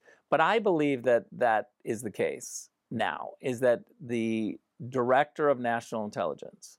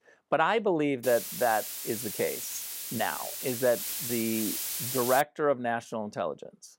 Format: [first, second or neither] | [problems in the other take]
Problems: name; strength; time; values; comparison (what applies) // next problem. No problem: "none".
first | hiss; loud; from 1 to 5 s; 4 dB below the speech